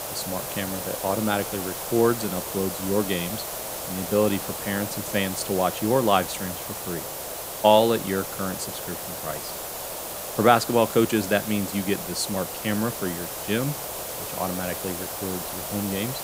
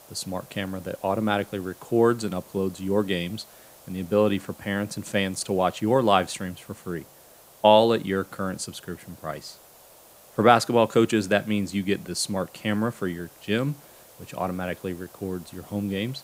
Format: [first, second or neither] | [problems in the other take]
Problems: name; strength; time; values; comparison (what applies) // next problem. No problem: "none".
second | hiss; loud; throughout; 5 dB below the speech; faint in the second